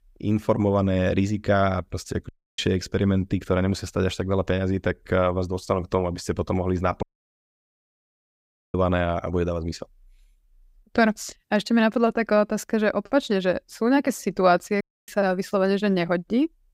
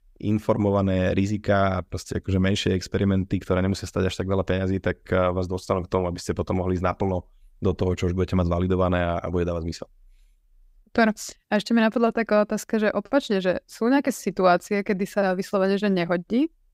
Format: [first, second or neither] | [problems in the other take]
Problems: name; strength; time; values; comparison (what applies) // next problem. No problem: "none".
second | audio cutting out; at 2.5 s, at 7 s for 1.5 s and at 15 s